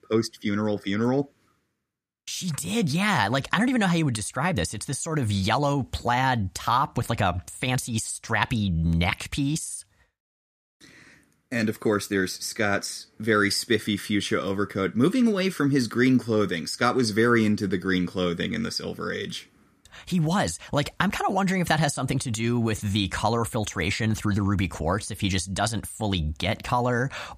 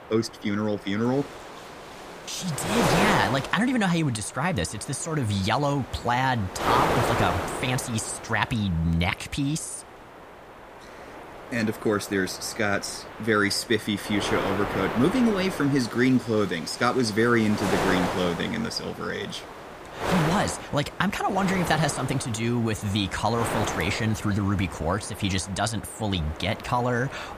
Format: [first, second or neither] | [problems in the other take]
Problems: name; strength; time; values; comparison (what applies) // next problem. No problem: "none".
first | wind noise on the microphone; heavy; 4 dB below the speech